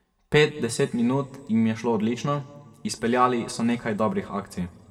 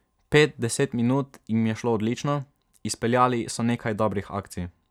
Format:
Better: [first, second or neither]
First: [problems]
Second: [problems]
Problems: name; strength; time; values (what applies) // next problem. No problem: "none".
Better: second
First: room echo; dies away in 1.3 s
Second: none